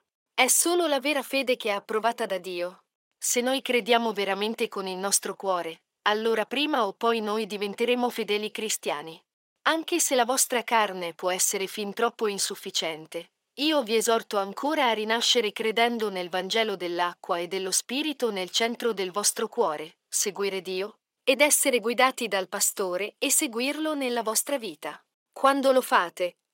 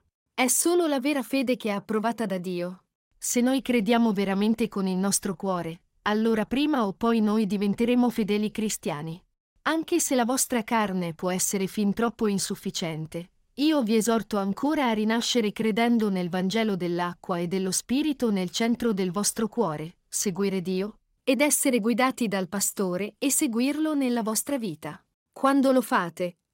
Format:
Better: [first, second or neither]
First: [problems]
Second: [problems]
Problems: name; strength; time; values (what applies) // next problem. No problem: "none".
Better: second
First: thin; somewhat; fading below 500 Hz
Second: none